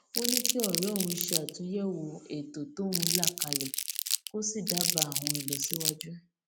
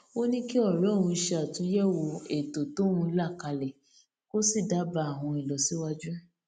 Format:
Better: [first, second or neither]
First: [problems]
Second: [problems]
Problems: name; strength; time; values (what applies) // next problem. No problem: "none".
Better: second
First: background sound (Crumpling, crinkling); 3 dB above the speech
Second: none